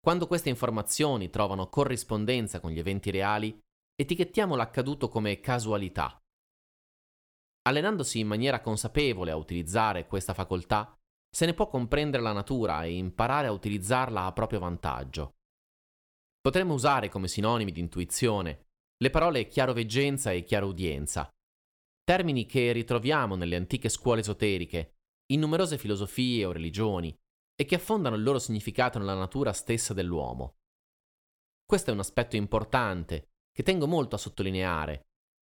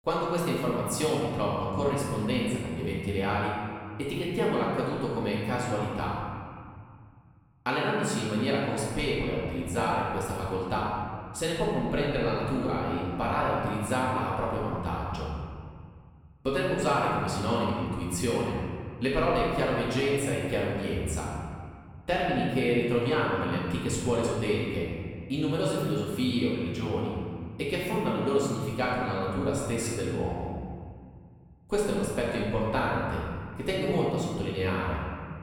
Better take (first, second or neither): first